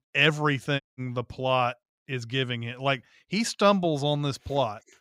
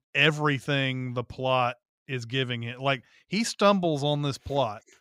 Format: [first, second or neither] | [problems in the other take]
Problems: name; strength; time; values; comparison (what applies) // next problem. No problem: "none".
second | audio cutting out; at 1 s